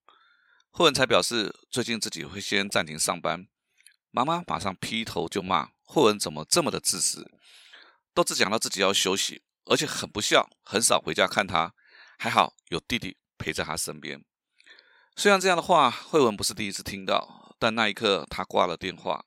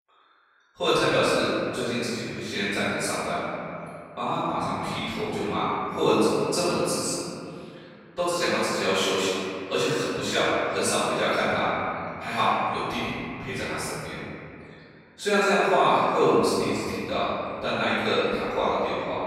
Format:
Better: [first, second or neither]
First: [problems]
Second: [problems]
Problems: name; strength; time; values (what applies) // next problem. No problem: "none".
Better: first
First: none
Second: off-mic speech; far // room echo; strong; dies away in 2.6 s